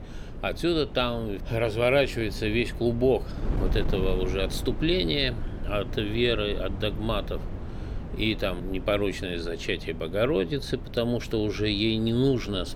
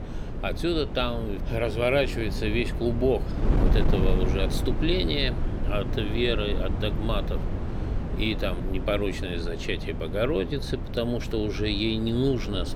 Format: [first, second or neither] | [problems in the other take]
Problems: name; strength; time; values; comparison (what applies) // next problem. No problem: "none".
first | wind noise on the microphone; heavy; 9 dB below the speech; occasional gusts in the first